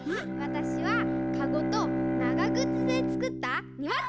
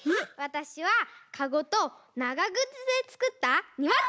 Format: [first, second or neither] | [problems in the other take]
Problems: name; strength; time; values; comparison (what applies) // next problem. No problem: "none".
second | background sound (Bowed string instrument); 5 dB above the speech